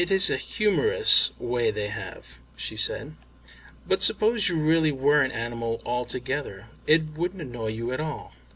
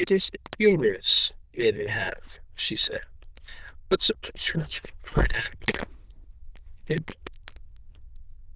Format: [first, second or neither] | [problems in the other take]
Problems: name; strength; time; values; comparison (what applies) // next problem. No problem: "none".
first | noise reduction (neural diffusion model UNIVERSE++)